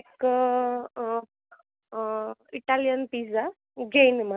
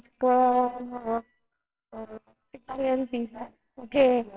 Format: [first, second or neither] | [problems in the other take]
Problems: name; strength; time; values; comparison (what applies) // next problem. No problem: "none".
first | noise reduction (neural separator model SepFormer WHAMR!)